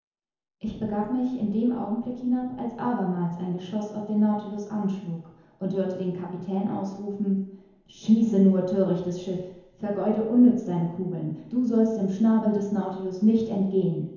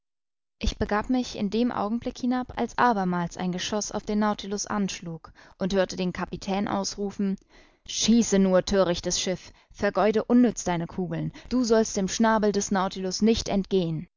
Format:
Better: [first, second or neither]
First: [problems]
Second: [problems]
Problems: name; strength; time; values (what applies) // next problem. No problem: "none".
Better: second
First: room echo; dies away in 1 s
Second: none